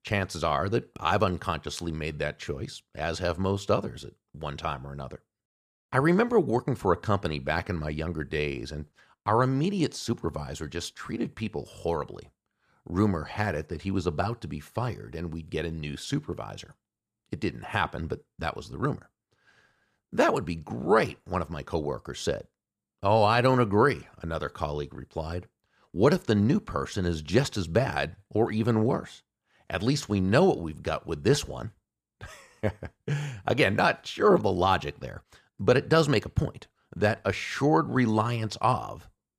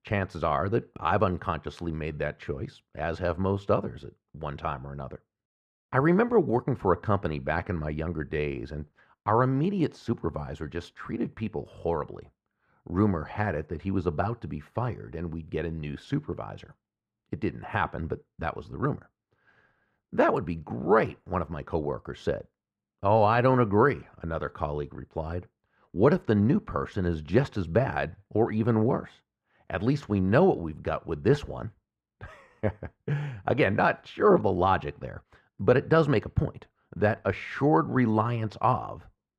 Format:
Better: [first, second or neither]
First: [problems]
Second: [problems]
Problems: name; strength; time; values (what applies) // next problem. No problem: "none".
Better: first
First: none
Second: muffled; slightly; fading above 3.5 kHz